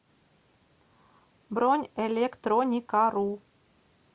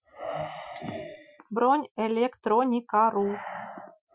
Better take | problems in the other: first | noise reduction (classical method Wiener filter)

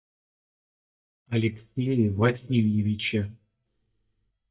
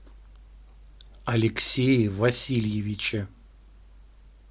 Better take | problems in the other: second | noise reduction (neural mask model DeepFilterNet 3)

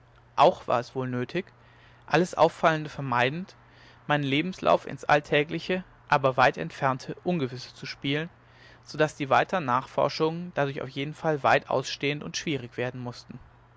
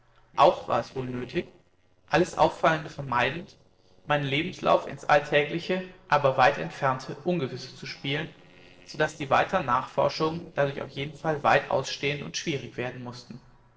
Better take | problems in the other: first | noise reduction (neural separator model SepFormer DNS4)

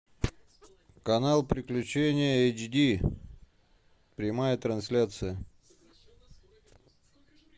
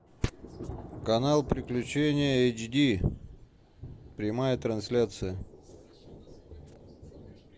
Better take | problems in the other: first | background sound (Thunder / Rain); 16 dB below the speech

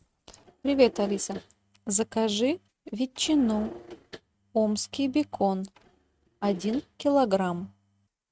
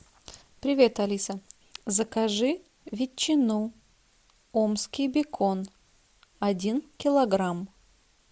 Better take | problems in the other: second | noise reduction (neural mask model RNNoise)

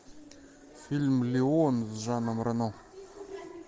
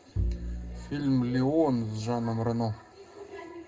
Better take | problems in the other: first | background sound (Bowed string instrument); 7 dB below the speech // room echo; dies away in 0.2 s

